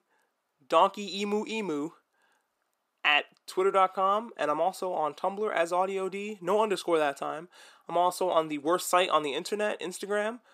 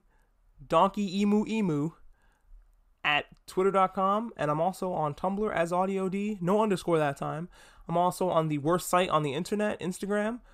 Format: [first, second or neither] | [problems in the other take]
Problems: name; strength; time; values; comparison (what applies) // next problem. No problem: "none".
second | thin; somewhat; fading below 300 Hz